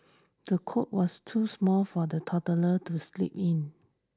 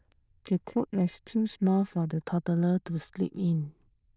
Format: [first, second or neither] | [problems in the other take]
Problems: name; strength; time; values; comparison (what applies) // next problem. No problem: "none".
first | noise reduction (neural diffusion model UNIVERSE++)